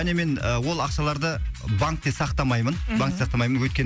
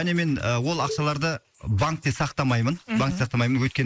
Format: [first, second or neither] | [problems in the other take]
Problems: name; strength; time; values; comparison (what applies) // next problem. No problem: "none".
first | noise reduction (neural mask model Resemble Enhance denoiser)